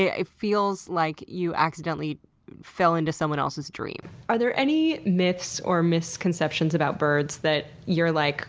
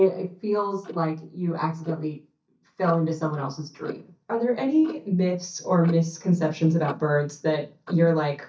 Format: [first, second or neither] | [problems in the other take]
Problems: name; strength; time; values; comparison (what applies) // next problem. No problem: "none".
first | noise reduction (neural mask model DeepFilterNet 3)